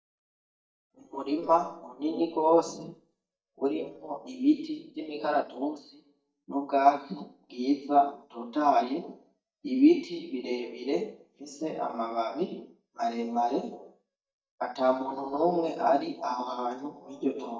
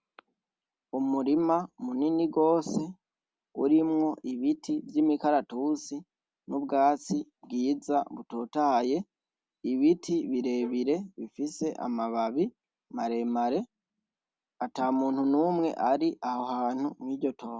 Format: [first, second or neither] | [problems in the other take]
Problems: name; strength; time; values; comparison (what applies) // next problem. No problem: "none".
second | noise reduction (neural mask model DeepFilterNet 3)